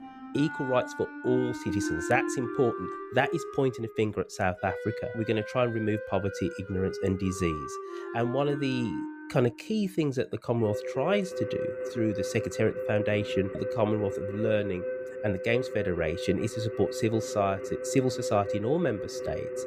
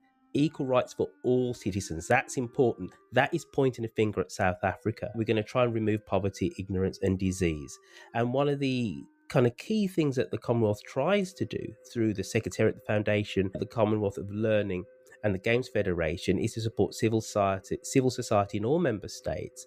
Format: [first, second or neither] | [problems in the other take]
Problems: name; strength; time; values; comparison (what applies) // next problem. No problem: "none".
second | background music; loud; throughout; 6 dB below the speech; faint in the second